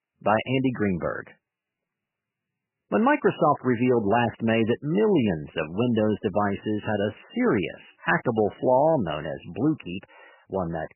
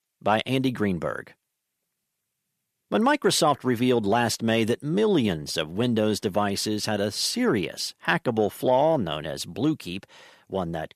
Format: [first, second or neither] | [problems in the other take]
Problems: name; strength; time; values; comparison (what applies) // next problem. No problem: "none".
second | garbled, watery; badly; nothing above 3 kHz